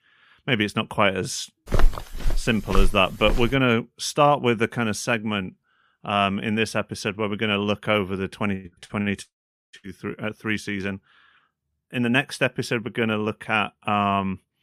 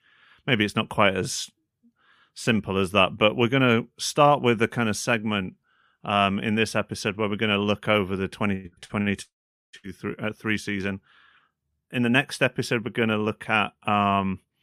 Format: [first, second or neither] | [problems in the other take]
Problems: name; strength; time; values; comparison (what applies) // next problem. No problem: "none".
second | footsteps; noticeable; from 1.5 to 3.5 s; peak 2 dB below the speech